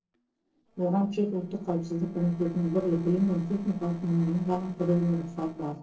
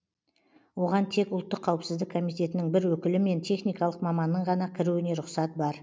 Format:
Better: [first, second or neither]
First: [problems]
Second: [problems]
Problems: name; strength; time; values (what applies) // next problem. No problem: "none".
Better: second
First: noise reduction (neural separator model SepFormer DNS4)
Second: none